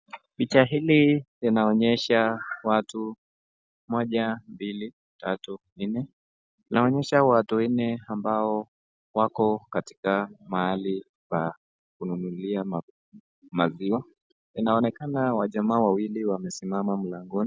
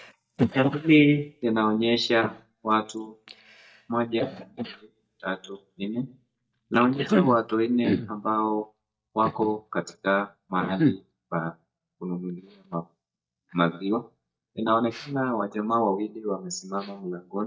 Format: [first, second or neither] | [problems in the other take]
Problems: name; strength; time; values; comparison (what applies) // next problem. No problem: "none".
first | noise reduction (neural mask model DeepFilterNet 3)